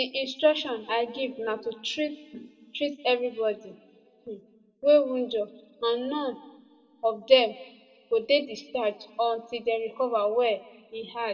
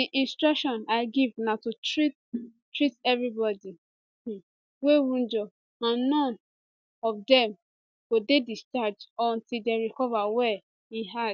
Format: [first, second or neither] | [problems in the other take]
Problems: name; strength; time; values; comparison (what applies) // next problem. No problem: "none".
second | background sound (Bird); 16 dB below the speech // room echo; dies away in 0.8 s